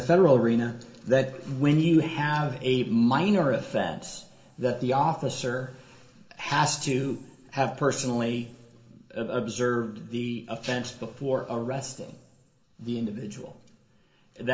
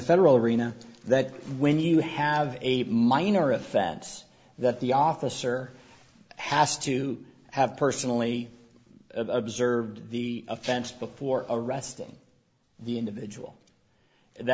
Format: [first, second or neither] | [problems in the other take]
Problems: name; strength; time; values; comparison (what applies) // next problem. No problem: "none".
second | room echo; dies away in 1.4 s